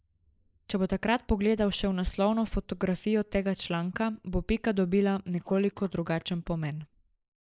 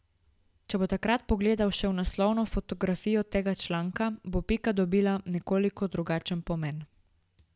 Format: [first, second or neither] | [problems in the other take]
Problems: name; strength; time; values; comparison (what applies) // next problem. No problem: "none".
second | noise reduction (neural mask model Resemble Enhance denoiser)